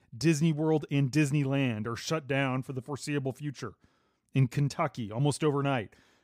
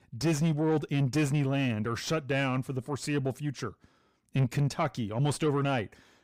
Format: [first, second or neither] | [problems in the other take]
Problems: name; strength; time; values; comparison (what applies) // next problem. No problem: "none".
first | distortion; slight; 10 dB below the speech